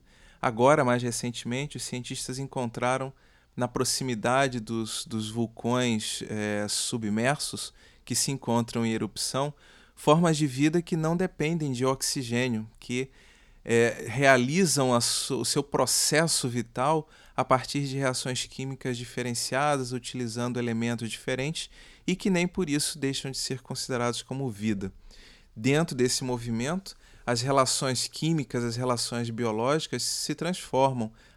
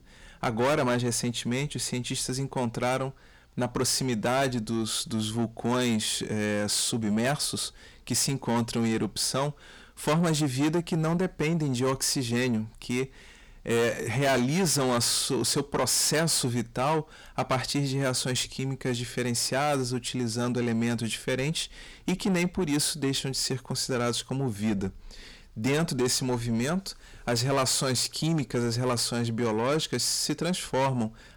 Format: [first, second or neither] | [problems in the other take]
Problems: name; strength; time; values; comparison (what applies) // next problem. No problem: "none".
first | distortion; heavy; 7 dB below the speech